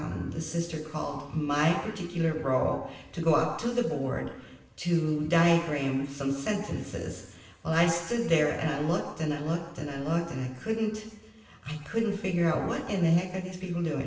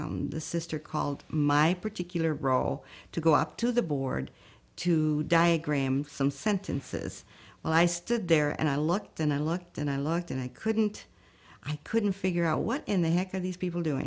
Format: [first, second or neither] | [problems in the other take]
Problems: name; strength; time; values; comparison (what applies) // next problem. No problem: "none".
second | room echo; dies away in 1 s